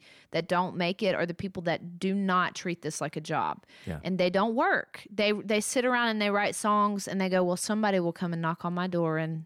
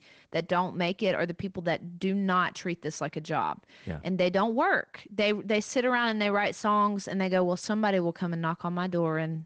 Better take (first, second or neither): first